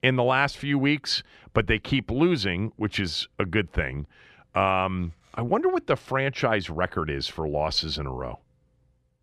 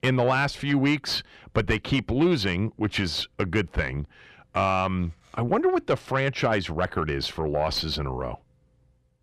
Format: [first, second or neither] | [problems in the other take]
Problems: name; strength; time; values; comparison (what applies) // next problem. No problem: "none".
first | distortion; slight; 10 dB below the speech